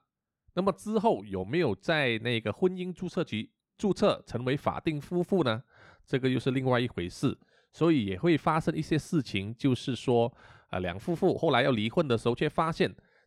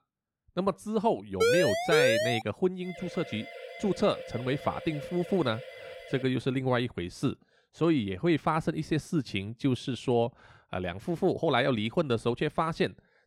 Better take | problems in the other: first | siren; loud; from 1.5 to 2.5 s; peak 5 dB above the speech // siren; faint; from 3 to 6 s; peak 10 dB below the speech

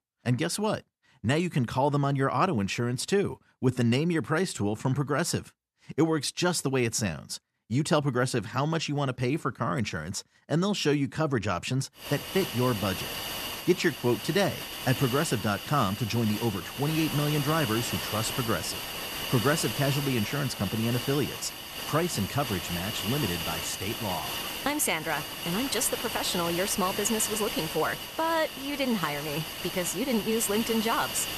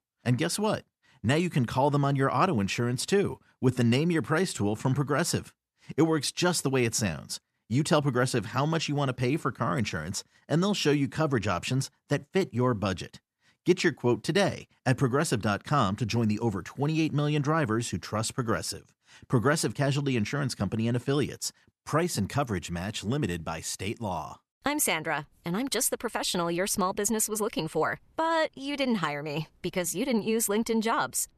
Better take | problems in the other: second | hiss; loud; from 12 s on; 5 dB below the speech

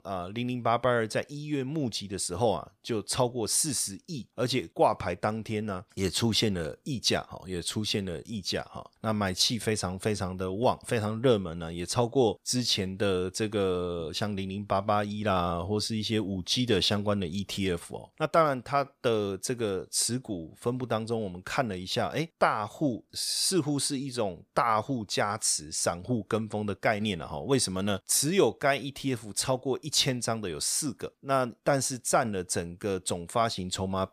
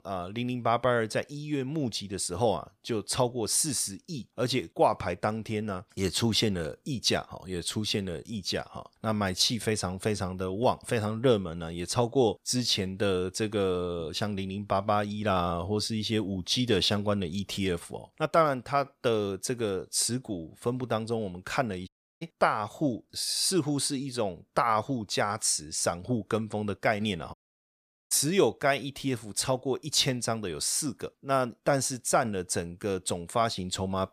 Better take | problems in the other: first | audio cutting out; at 22 s and at 27 s for 1 s

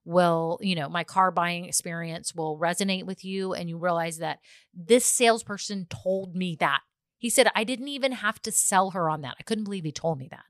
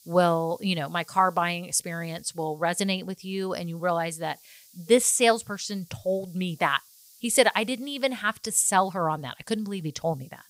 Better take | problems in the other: first | hiss; faint; throughout; 25 dB below the speech

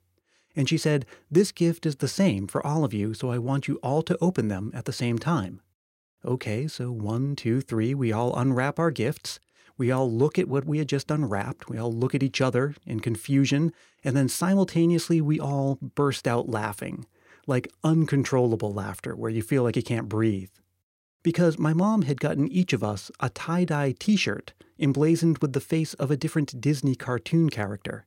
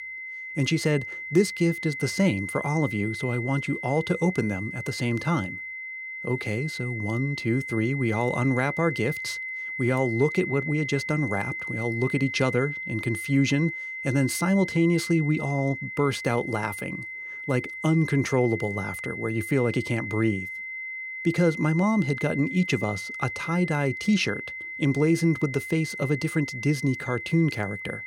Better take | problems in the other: first | high-pitched whine; loud; throughout; 2 kHz, 7 dB below the speech

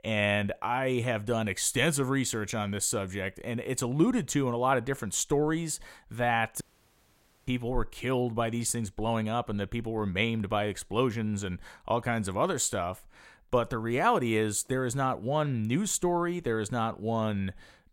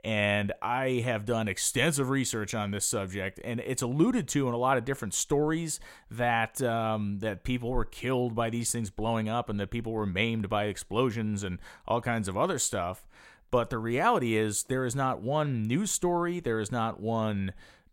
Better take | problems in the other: second | audio cutting out; at 6.5 s for 1 s

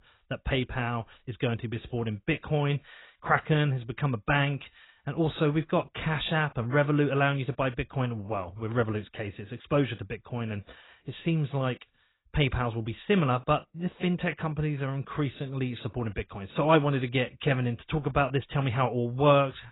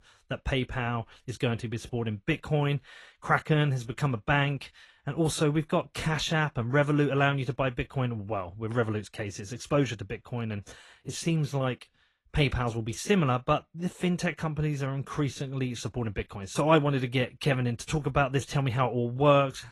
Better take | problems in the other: second | garbled, watery; badly; nothing above 4 kHz; slightly in the second

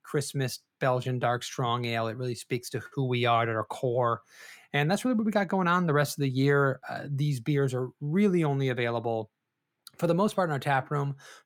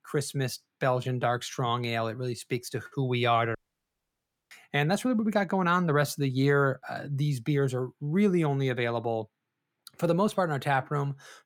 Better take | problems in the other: first | audio cutting out; at 3.5 s for 1 s

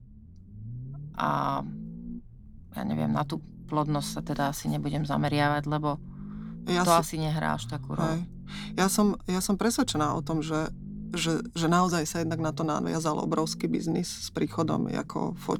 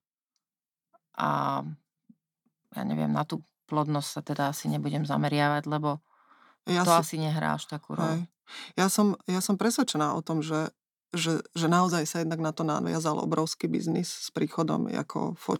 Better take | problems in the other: second | low rumble; faint; throughout; 20 dB below the speech

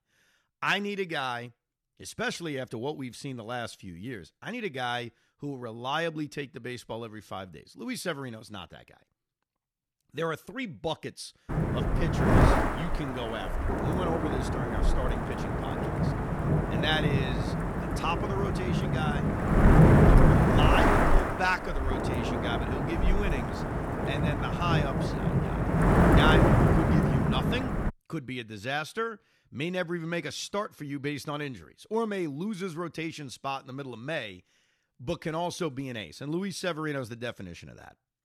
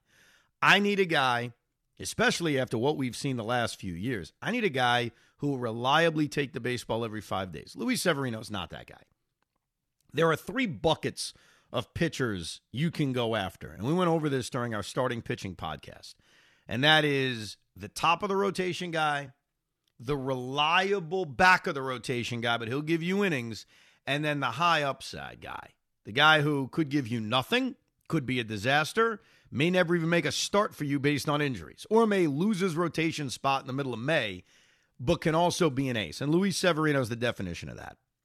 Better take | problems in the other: second | wind noise on the microphone; heavy; from 11 to 28 s; 4 dB above the speech

